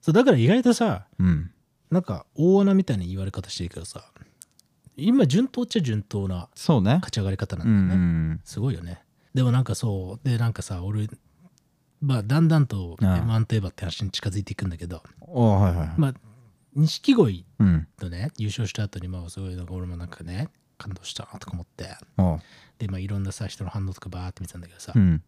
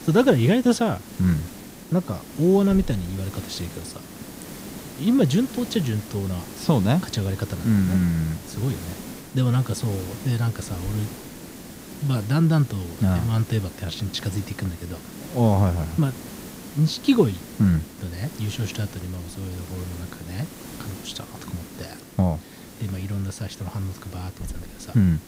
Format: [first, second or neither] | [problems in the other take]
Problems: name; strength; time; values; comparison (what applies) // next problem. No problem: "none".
first | hiss; noticeable; throughout; 15 dB below the speech